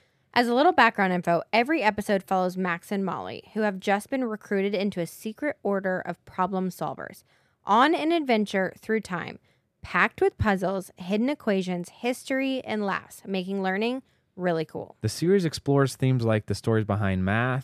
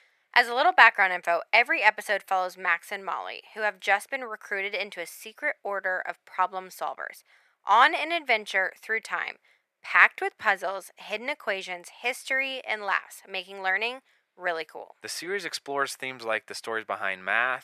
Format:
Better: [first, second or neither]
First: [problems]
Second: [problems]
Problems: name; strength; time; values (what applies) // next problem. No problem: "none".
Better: first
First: none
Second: thin; very; fading below 800 Hz